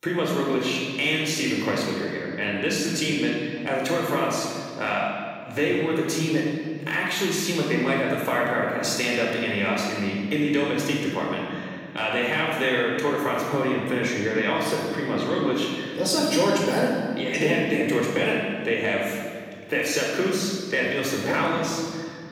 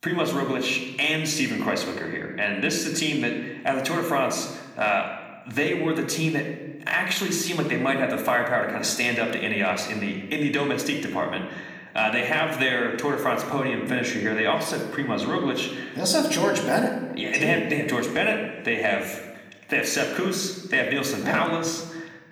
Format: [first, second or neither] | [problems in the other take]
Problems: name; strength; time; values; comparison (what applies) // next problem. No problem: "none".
second | room echo; strong; dies away in 1.9 s; slight in the second // off-mic speech; far; somewhat distant in the second